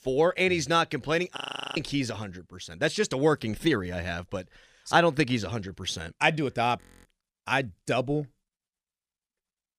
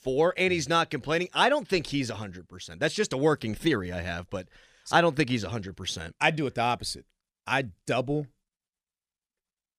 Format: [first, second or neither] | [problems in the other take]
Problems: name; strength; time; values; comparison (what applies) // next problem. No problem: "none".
second | audio freezing; at 1.5 s and at 7 s